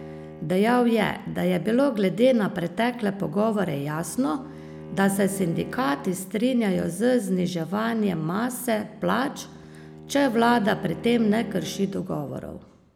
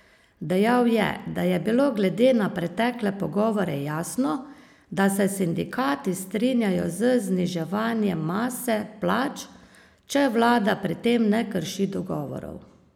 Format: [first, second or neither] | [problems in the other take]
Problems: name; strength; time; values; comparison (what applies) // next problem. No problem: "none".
second | background sound (Bowed string instrument); 18 dB below the speech